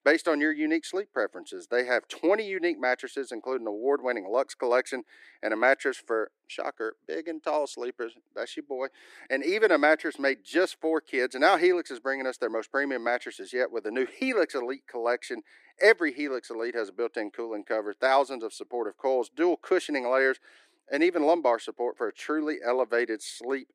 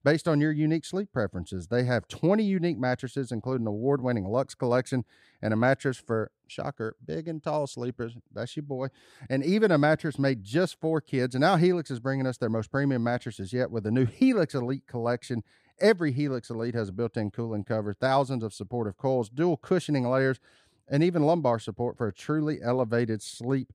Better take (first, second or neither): second